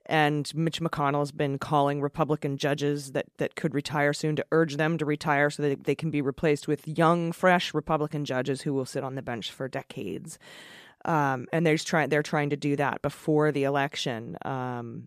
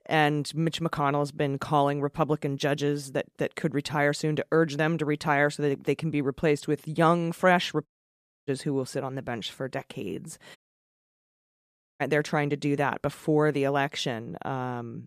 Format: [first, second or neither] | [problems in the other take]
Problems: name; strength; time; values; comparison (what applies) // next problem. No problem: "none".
first | audio cutting out; at 8 s for 0.5 s and at 11 s for 1.5 s